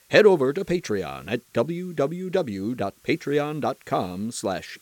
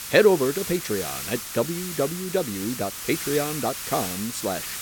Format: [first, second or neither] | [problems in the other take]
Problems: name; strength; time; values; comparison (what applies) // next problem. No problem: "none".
first | hiss; loud; throughout; 5 dB below the speech; faint in the first